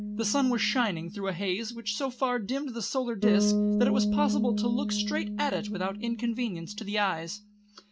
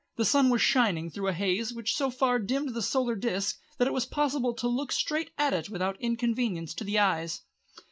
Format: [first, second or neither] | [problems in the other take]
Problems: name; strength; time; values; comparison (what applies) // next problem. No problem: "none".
second | background sound (Bass guitar); 1 dB below the speech